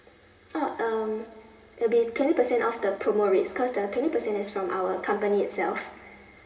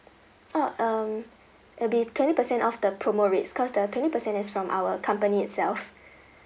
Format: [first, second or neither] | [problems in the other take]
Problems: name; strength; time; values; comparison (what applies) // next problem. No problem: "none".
second | room echo; dies away in 2.2 s